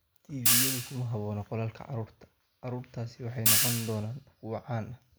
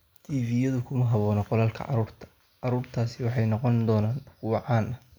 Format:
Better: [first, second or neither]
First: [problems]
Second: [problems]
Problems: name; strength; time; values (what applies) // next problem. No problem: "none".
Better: second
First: background sound (Hi-hat); 5 dB above the speech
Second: none